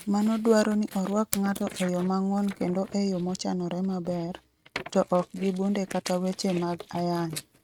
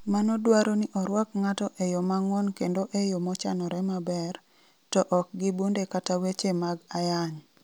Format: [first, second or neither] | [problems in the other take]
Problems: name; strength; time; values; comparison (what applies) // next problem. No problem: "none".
second | noise reduction (neural mask model RNNoise)